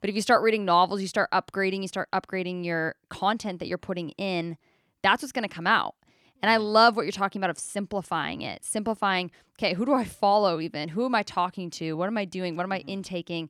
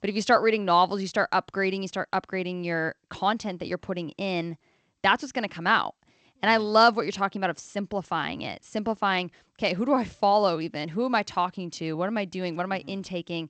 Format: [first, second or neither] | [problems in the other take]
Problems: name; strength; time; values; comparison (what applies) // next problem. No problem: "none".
first | garbled, watery; slightly; nothing above 8 kHz